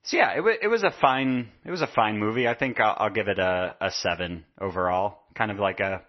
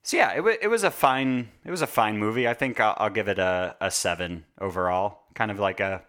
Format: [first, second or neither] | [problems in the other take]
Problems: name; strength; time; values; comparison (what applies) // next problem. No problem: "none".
second | garbled, watery; slightly; nothing above 6 kHz